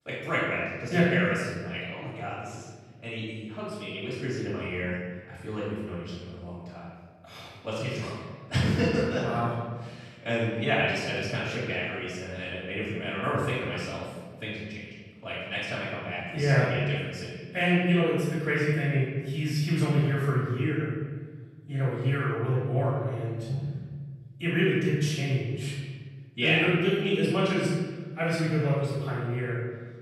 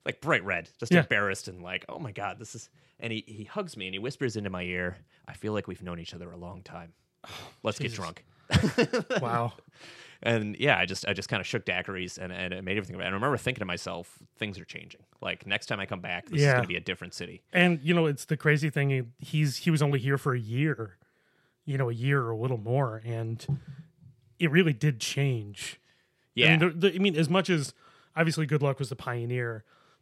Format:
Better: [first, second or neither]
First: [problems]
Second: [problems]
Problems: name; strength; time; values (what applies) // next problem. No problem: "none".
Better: second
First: off-mic speech; far // room echo; strong; dies away in 1.4 s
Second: none